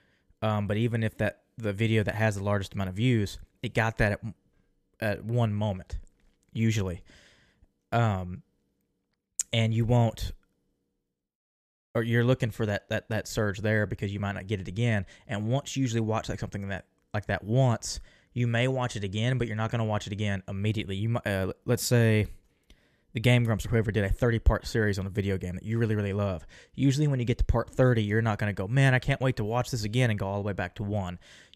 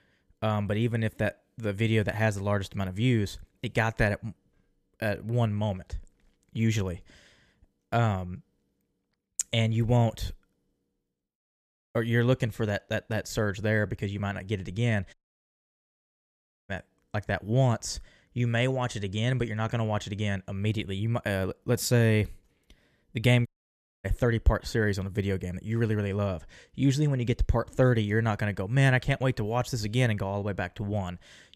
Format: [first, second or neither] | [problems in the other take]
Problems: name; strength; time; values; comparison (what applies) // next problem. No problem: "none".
first | audio cutting out; at 15 s for 1.5 s and at 23 s for 0.5 s